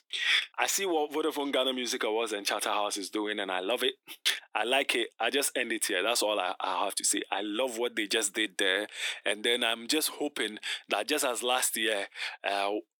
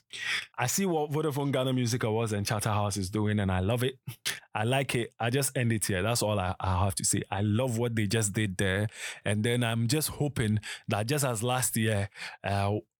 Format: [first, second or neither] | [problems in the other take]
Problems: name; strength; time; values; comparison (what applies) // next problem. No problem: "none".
second | thin; very; fading below 300 Hz